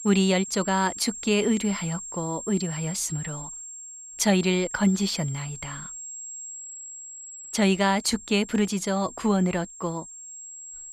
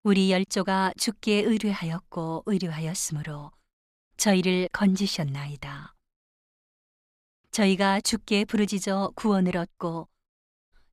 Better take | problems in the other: second | high-pitched whine; noticeable; throughout; 7.5 kHz, 10 dB below the speech

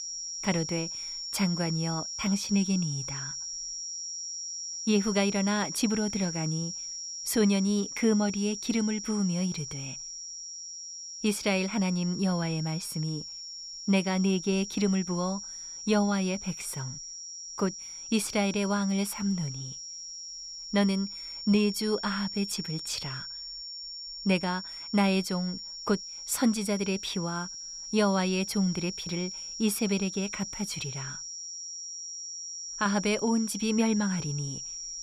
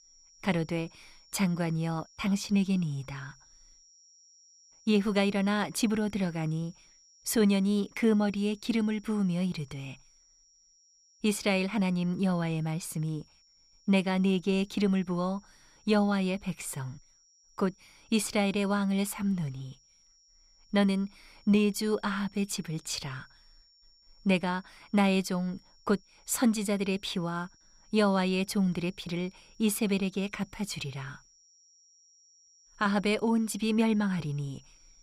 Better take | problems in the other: second | high-pitched whine; loud; throughout; 5.5 kHz, 7 dB below the speech; faint in the second

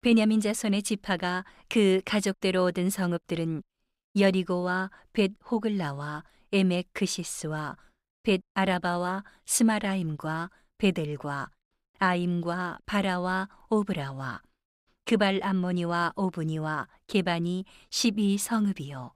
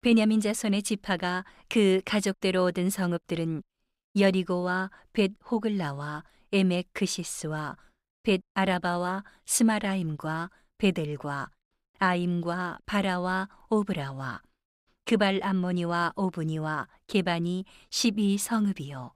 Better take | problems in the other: neither | none

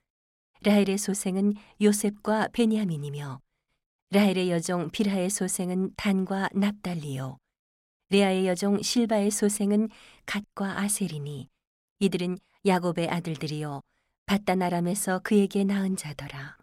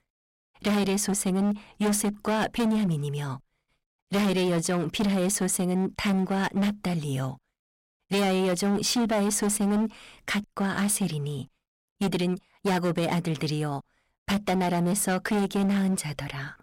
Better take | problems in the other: first | distortion; heavy; 17% of the sound clipped

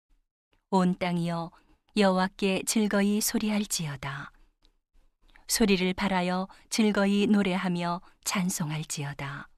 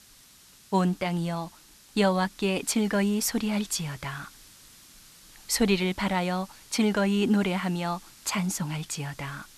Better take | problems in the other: first | hiss; faint; throughout; 25 dB below the speech

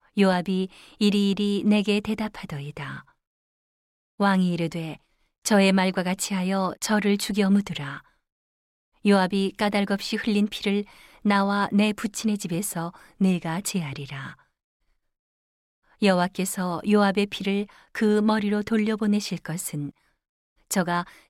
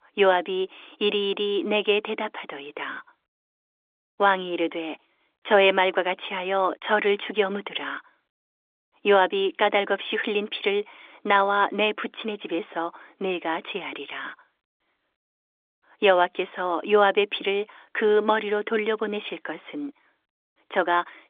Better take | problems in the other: first | phone-call audio; nothing above 3.5 kHz

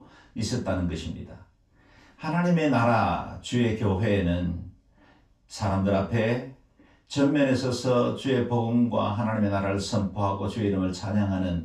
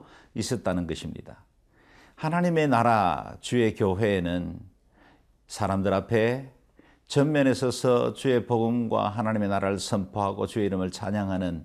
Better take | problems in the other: second | room echo; noticeable; dies away in 0.2 s // off-mic speech; far

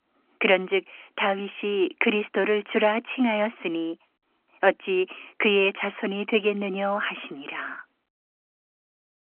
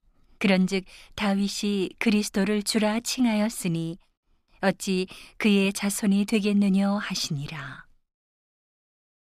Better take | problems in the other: second | phone-call audio; nothing above 3 kHz

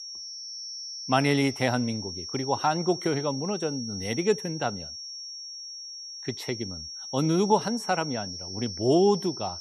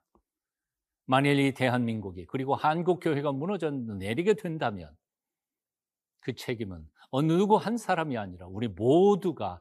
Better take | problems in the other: second | high-pitched whine; loud; throughout; 5.5 kHz, 8 dB below the speech

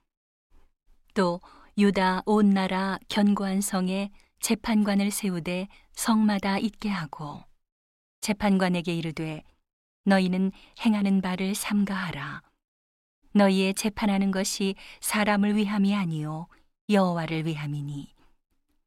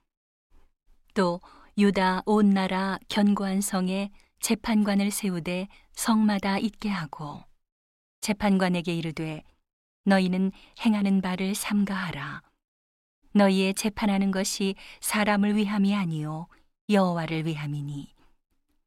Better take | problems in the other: neither | none

